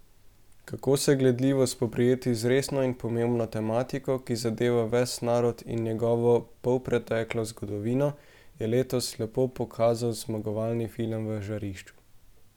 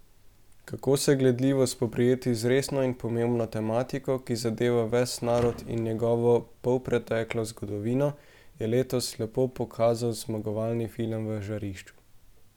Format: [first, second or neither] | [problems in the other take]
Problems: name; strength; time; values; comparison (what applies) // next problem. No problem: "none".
first | background sound (Thump, thud); 19 dB below the speech